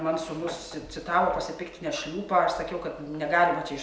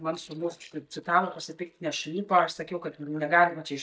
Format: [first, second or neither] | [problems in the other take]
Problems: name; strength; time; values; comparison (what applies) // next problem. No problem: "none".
first | noise reduction (neural mask model DeepFilterNet 3)